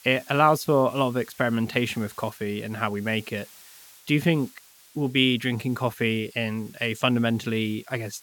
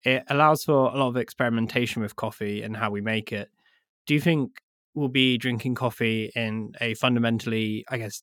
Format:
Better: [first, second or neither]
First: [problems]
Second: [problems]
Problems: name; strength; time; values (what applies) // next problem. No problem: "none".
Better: second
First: hiss; faint; throughout; 25 dB below the speech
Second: none